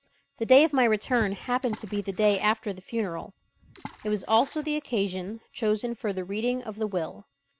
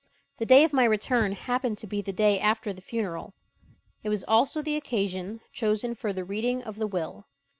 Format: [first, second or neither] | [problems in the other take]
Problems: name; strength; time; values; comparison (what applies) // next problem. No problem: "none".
second | background sound (Water / Splash, splatter); 19 dB below the speech